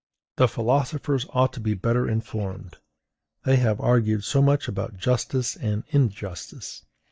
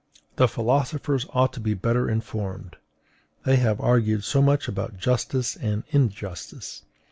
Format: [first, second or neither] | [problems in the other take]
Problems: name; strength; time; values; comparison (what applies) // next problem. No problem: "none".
second | noise reduction (neural mask model DeepFilterNet 3)